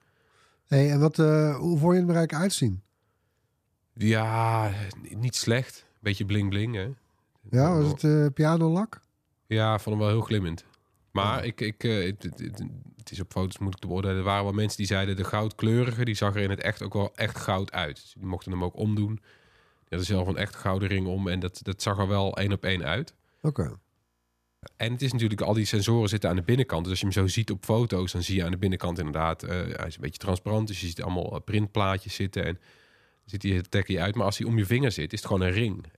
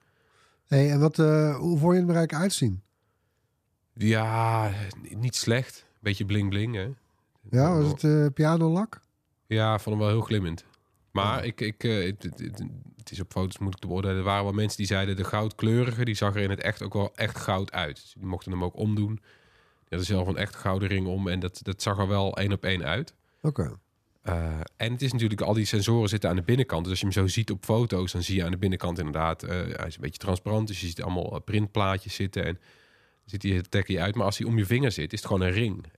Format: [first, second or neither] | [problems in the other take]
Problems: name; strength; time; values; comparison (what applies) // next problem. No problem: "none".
second | audio freezing; at 24 s for 0.5 s